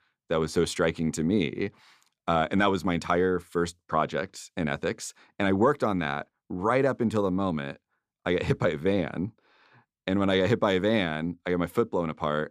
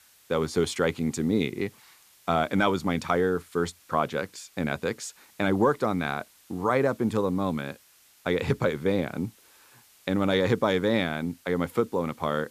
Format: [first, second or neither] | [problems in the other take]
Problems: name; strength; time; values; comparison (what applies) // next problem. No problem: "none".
first | hiss; faint; throughout; 30 dB below the speech